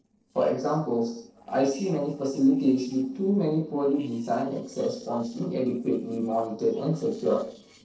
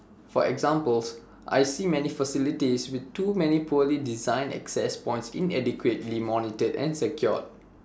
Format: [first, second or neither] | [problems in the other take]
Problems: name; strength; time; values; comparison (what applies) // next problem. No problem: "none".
second | noise reduction (neural separator model SepFormer DNS4)